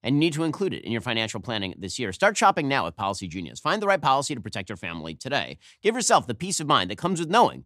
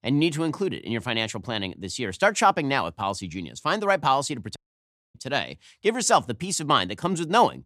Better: first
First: none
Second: audio cutting out; at 4.5 s for 0.5 s

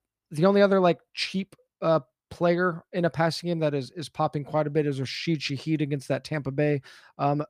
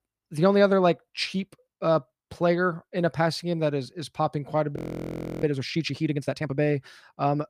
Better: first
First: none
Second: audio freezing; at 5 s for 0.5 s

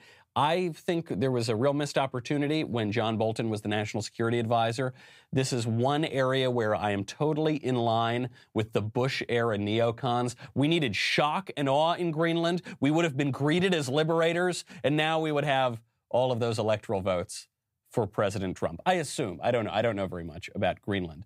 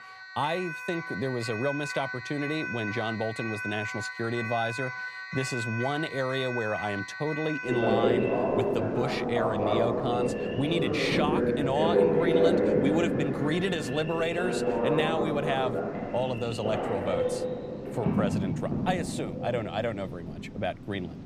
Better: first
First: none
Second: alarms or sirens; very loud; throughout; 1 dB above the speech

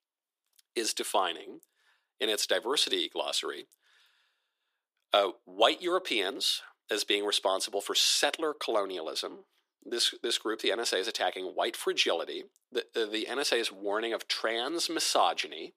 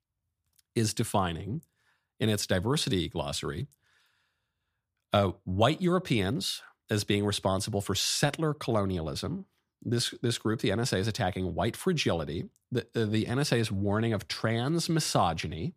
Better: second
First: thin; very; fading below 350 Hz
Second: none

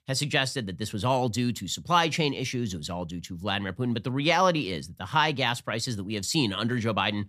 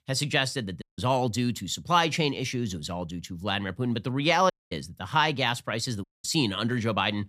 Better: first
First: none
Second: audio cutting out; at 1 s, at 4.5 s and at 6 s

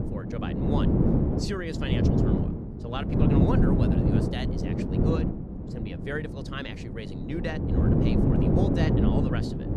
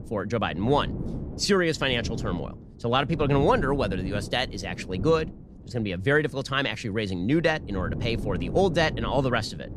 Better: second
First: wind noise on the microphone; heavy; 5 dB above the speech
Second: wind noise on the microphone; occasional gusts; 15 dB below the speech

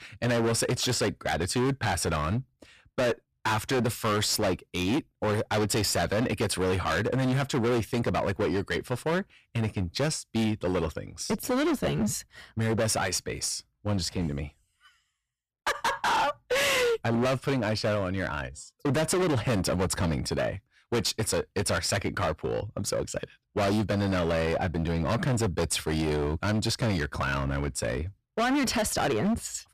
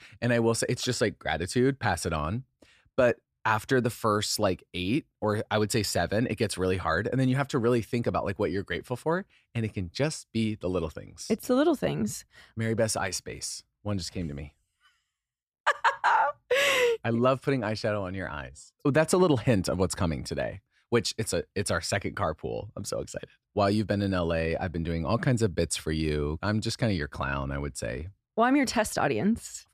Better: second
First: distortion; heavy; 21% of the sound clipped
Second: none

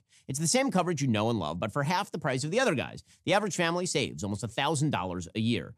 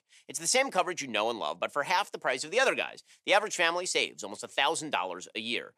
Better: first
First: none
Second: thin; very; fading below 550 Hz

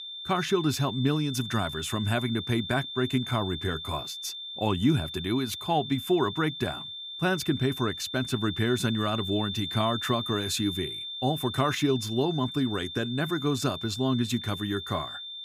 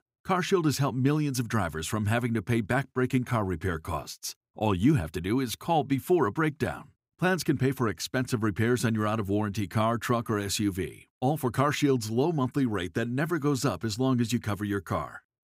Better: second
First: high-pitched whine; loud; throughout; 3.5 kHz, 7 dB below the speech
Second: none

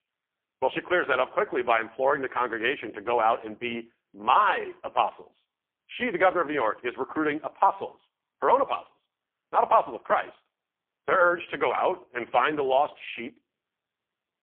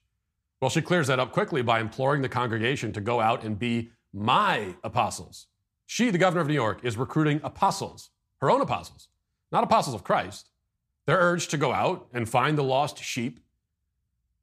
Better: second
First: phone-call audio; poor line; nothing above 3.5 kHz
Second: none

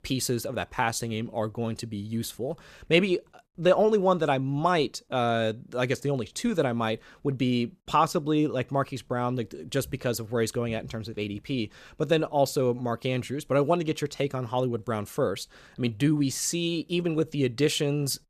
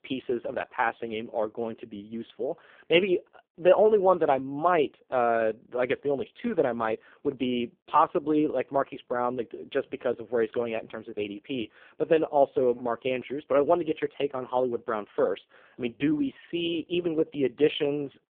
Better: first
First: none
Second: phone-call audio; poor line; nothing above 3.5 kHz

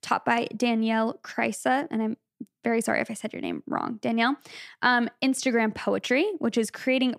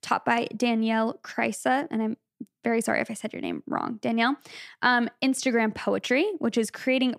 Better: neither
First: none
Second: none

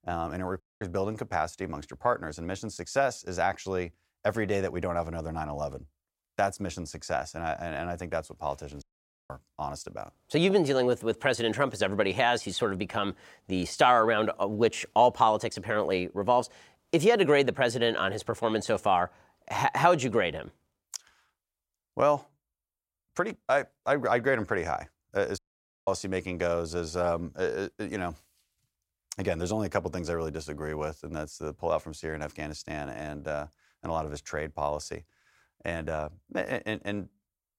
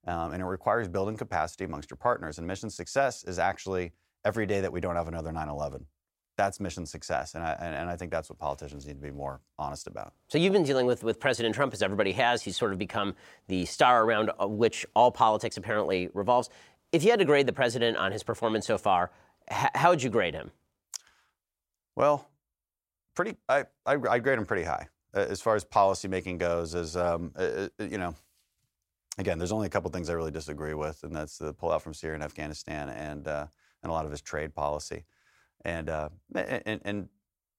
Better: second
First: audio cutting out; at 0.5 s, at 9 s and at 25 s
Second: none

